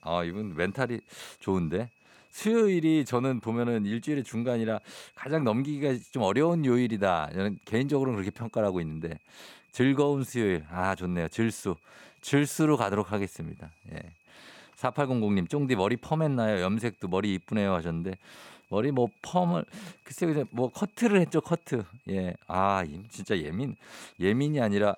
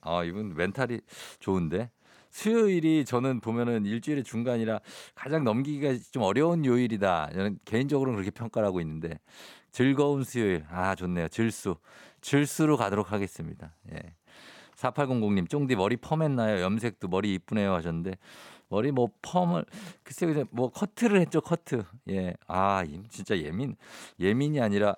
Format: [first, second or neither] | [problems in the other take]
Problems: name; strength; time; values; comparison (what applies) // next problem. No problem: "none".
second | high-pitched whine; faint; throughout; 2.5 kHz, 35 dB below the speech